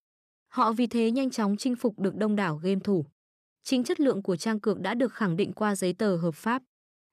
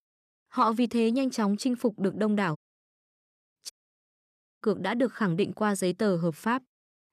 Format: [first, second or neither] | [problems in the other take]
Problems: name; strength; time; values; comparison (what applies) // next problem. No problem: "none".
first | audio cutting out; at 2.5 s for 0.5 s and at 3.5 s for 1 s